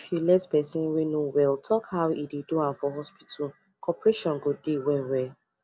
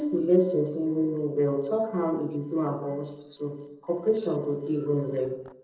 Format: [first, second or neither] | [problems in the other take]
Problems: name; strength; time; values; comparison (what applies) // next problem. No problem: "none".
first | noise reduction (neural separator model SepFormer DNS4)